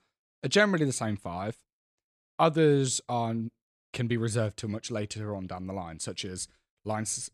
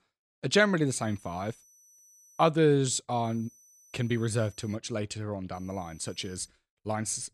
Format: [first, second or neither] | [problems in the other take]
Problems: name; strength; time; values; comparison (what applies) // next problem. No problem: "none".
first | high-pitched whine; faint; from 1 to 2.5 s, from 3 to 5 s and at 5.5 s; 6 kHz, 30 dB below the speech